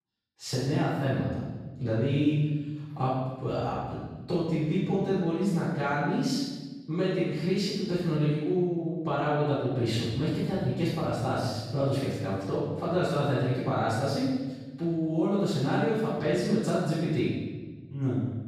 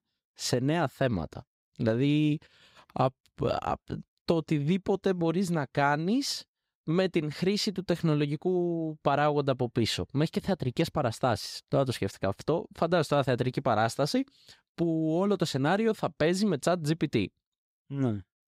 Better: second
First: room echo; strong; dies away in 1.3 s // off-mic speech; far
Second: none

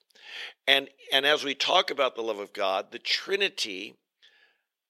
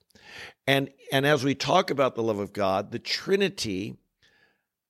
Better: second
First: thin; somewhat; fading below 450 Hz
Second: none

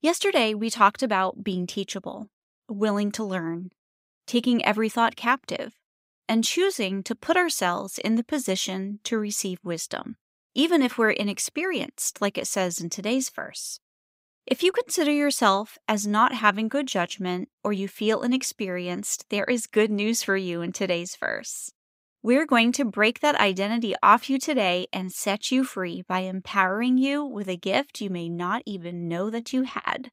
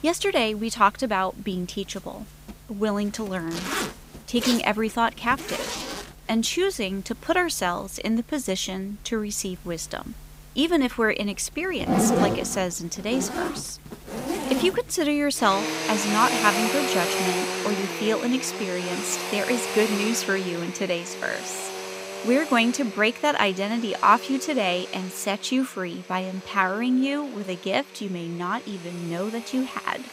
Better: first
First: none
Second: household noises; loud; throughout; 4 dB below the speech

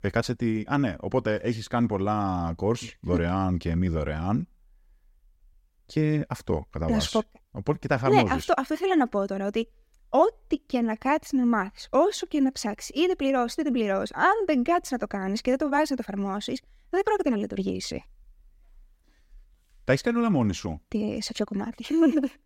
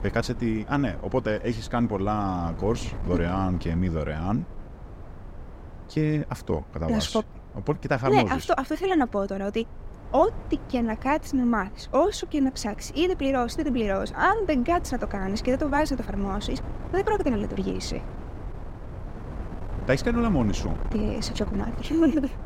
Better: first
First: none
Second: wind noise on the microphone; occasional gusts; 15 dB below the speech

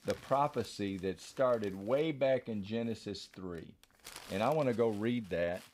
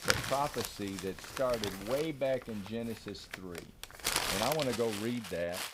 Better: first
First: household noises; faint; throughout; 20 dB below the speech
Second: household noises; loud; throughout; 1 dB below the speech

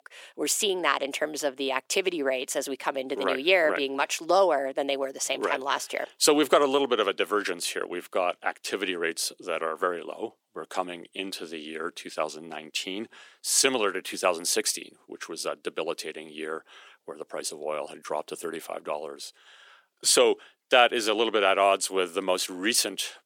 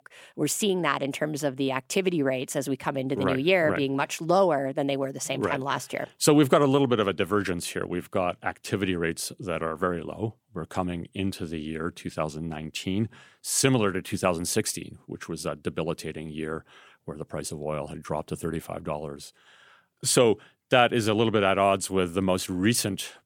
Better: second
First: thin; somewhat; fading below 350 Hz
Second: none

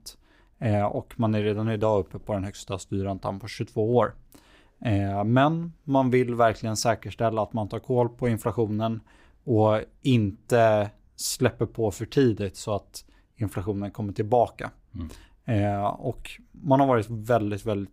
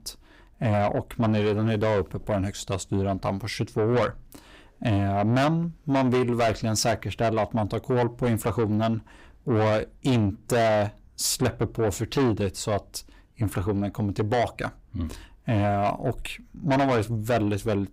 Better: first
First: none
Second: distortion; heavy; 7 dB below the speech

